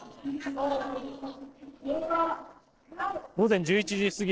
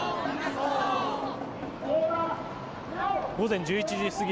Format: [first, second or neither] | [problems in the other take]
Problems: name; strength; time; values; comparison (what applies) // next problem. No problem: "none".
second | noise reduction (neural separator model SepFormer DNS4)